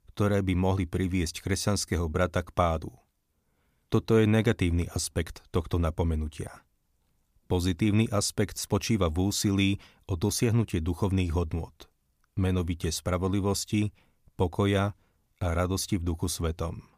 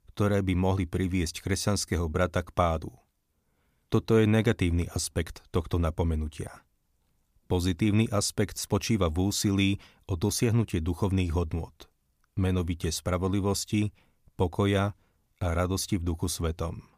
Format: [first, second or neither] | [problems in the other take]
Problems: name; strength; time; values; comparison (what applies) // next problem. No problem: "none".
neither | none